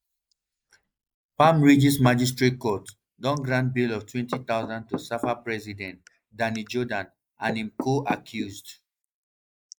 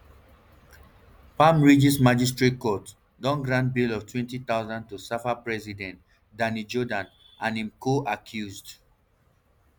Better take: second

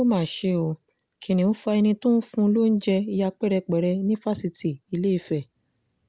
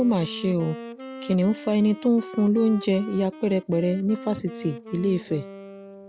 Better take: first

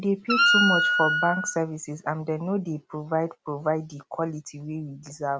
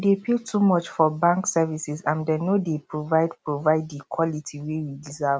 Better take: second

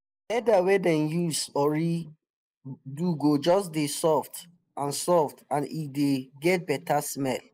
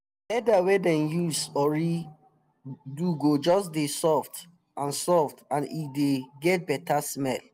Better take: second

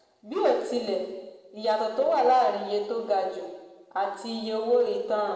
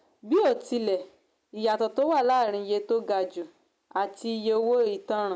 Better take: second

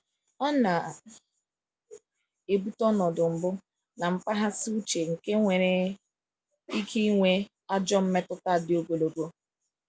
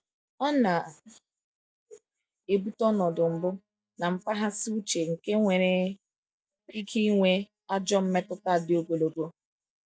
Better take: first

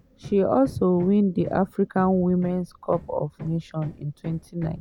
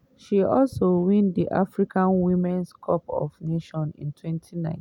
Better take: second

